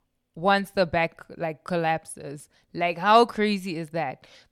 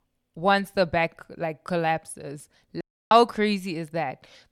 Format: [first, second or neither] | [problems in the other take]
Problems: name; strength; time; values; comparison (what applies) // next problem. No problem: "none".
first | audio cutting out; at 3 s